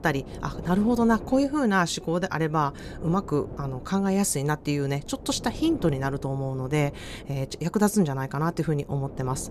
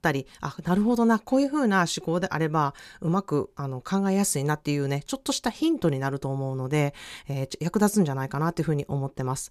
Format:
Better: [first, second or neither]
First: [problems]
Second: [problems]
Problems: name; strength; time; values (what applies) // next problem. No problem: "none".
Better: second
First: wind noise on the microphone; occasional gusts; 20 dB below the speech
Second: none